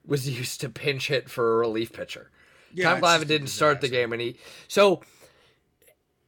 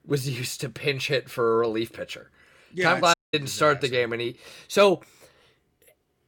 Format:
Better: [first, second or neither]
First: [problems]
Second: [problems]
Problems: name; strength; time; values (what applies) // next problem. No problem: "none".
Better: first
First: none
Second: audio cutting out; at 3 s